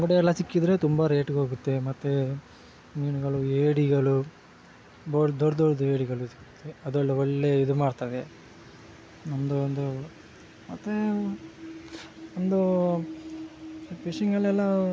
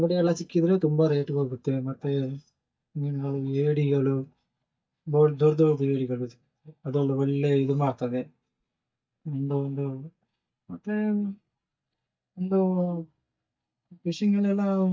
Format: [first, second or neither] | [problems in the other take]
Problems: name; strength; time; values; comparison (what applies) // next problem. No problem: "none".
first | noise reduction (neural mask model DeepFilterNet 3)